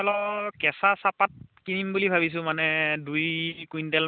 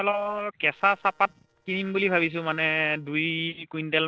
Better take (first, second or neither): first